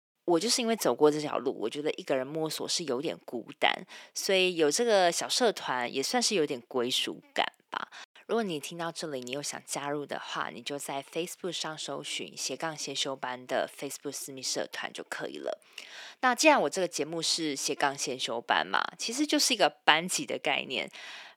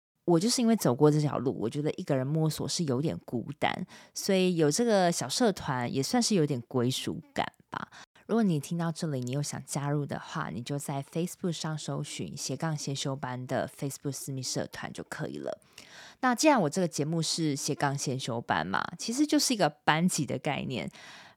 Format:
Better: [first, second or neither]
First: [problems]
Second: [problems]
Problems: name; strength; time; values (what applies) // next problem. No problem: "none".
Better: second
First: thin; somewhat; fading below 400 Hz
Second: none